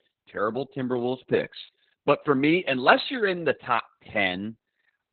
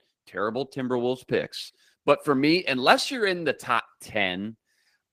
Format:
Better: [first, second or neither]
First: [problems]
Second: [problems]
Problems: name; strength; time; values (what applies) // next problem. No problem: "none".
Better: second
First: garbled, watery; badly; nothing above 4 kHz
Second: garbled, watery; slightly; nothing above 15 kHz